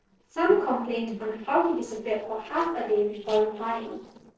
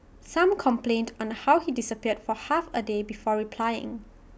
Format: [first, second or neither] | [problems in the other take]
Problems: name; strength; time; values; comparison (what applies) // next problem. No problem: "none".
second | noise reduction (neural separator model SepFormer DNS4)